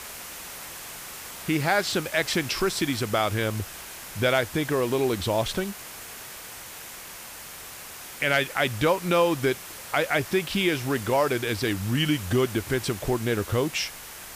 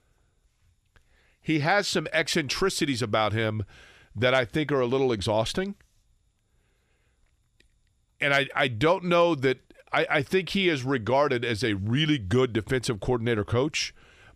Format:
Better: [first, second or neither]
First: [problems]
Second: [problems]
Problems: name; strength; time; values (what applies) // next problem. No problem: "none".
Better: second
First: hiss; noticeable; throughout; 10 dB below the speech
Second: none